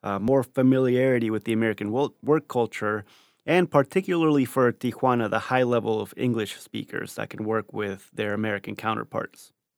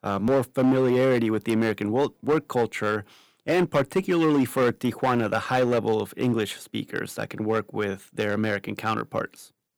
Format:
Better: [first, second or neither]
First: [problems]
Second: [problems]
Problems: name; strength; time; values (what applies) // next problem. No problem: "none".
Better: first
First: none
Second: distortion; slight; 7% of the sound clipped